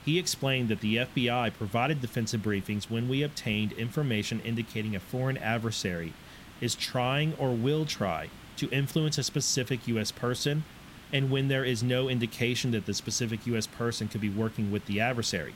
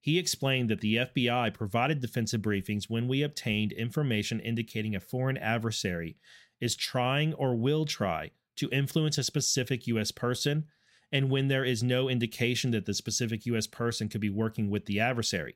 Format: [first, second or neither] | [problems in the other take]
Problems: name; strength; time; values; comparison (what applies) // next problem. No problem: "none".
second | hiss; noticeable; throughout; 20 dB below the speech